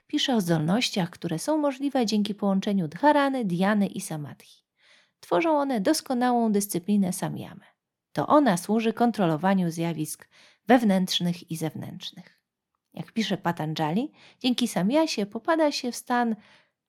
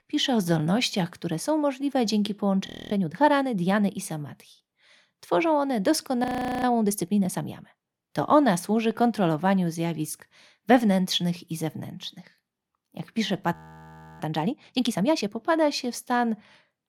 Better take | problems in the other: first | audio freezing; at 2.5 s, at 6 s and at 14 s for 0.5 s

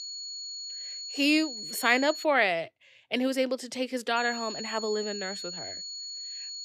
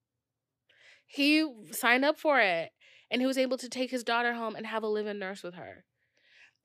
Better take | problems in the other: second | high-pitched whine; loud; until 2 s and from 4 s on; 4.5 kHz, 8 dB below the speech

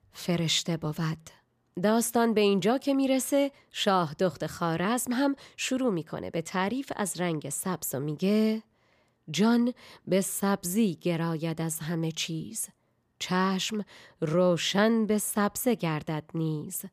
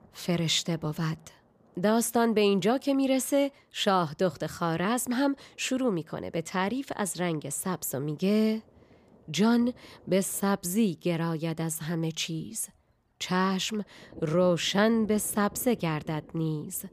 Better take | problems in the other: first | rain or running water; faint; throughout; 25 dB below the speech

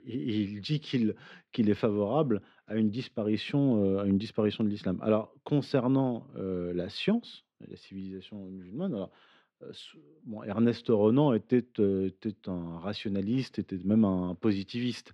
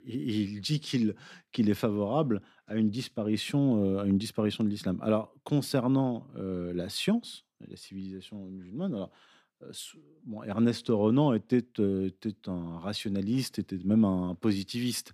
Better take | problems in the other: second | muffled; very slightly; fading above 3 kHz

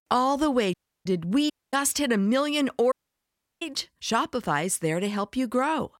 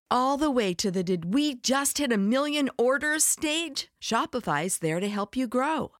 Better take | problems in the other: second | audio cutting out; at 0.5 s, at 1.5 s and at 3 s for 0.5 s

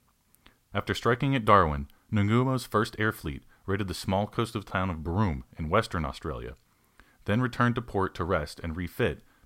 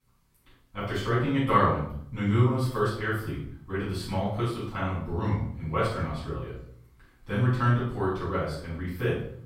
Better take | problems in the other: first | off-mic speech; far // room echo; noticeable; dies away in 0.6 s

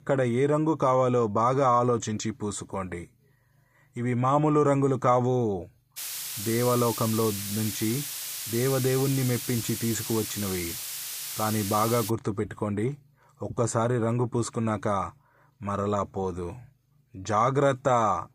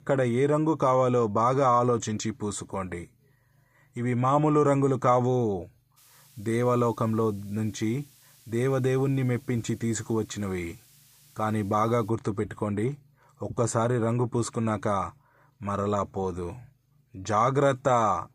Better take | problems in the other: second | hiss; loud; from 6 to 12 s; 6 dB below the speech; faint in the second

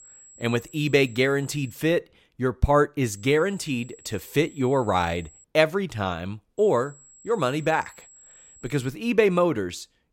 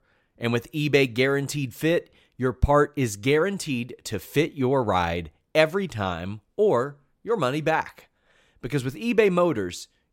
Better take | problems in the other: second | high-pitched whine; faint; until 1.5 s, from 3 to 5.5 s and from 6.5 to 9 s; 7.5 kHz, 25 dB below the speech

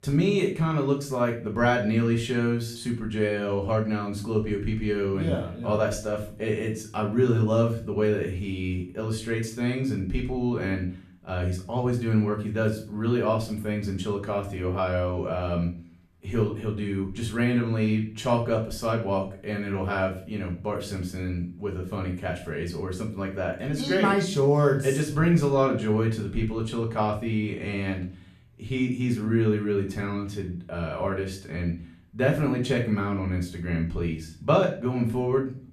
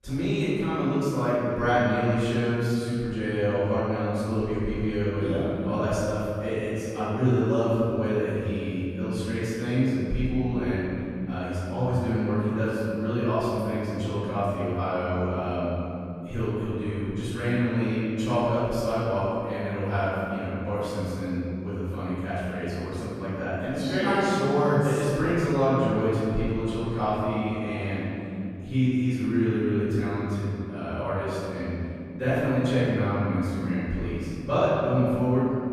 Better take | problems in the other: first | room echo; strong; dies away in 2.5 s; slight in the first // off-mic speech; far; far in the first

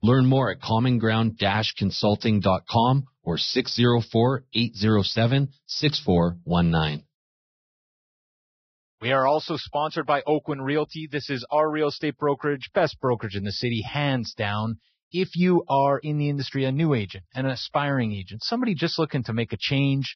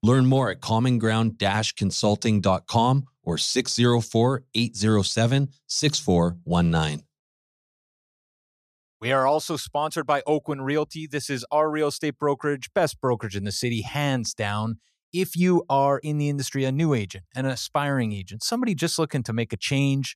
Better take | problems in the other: second | garbled, watery; badly; nothing above 5.5 kHz

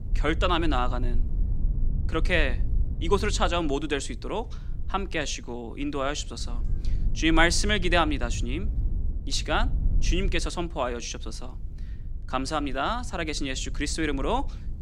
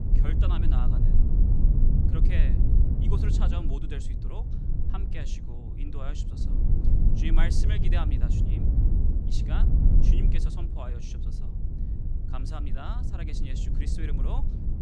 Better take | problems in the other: first | low rumble; loud; throughout; 1 dB below the speech; faint in the first

